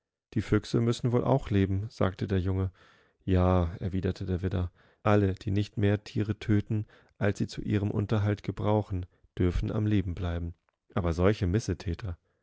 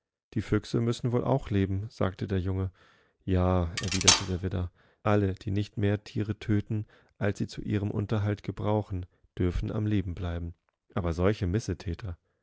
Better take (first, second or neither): first